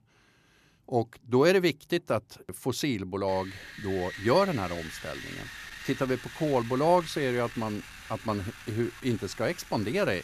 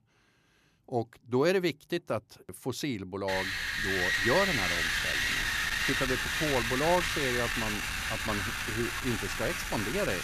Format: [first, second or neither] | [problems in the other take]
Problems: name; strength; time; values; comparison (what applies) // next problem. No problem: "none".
first | wind noise on the microphone; heavy; from 3.5 s on; 5 dB above the speech; occasional gusts in the first